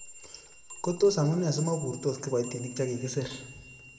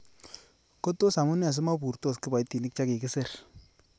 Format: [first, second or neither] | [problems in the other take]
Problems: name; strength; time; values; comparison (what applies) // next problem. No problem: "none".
second | background sound (Clock); 16 dB below the speech // room echo; dies away in 1.4 s